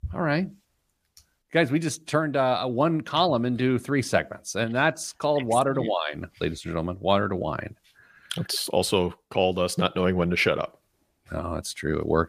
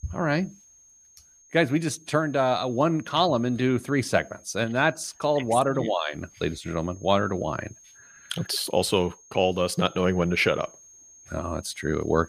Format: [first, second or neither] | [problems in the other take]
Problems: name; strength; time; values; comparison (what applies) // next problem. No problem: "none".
first | high-pitched whine; faint; throughout; 6.5 kHz, 25 dB below the speech